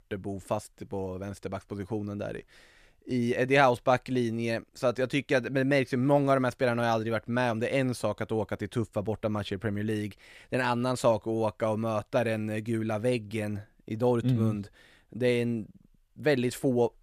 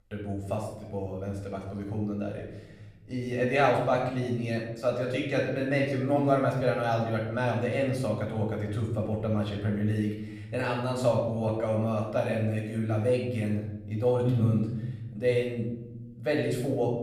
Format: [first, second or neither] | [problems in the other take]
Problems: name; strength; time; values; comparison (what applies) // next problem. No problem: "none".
first | off-mic speech; somewhat distant // room echo; noticeable; dies away in 1.3 s